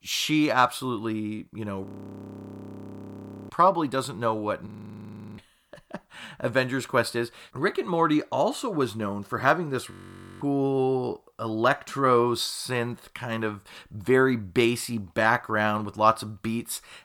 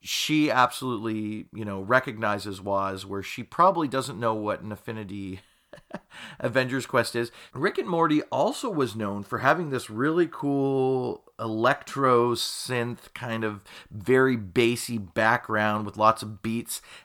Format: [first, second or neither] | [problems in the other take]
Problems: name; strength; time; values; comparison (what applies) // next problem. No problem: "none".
second | audio freezing; at 2 s for 1.5 s, at 4.5 s for 0.5 s and at 10 s for 0.5 s